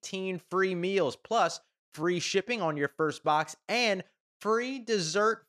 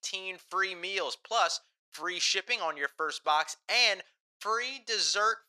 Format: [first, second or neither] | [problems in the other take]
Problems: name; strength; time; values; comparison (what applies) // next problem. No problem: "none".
first | thin; very; fading below 800 Hz